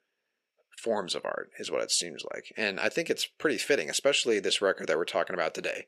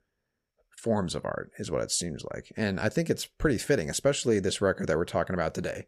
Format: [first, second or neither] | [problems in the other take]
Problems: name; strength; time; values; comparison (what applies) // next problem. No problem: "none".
second | thin; somewhat; fading below 400 Hz